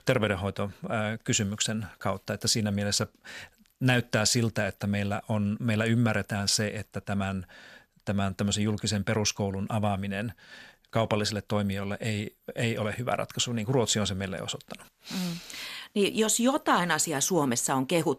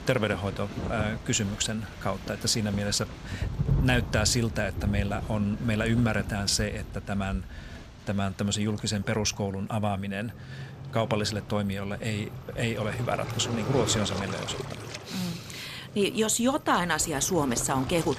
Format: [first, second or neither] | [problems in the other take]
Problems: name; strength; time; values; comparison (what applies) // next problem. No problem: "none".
first | rain or running water; loud; throughout; 9 dB below the speech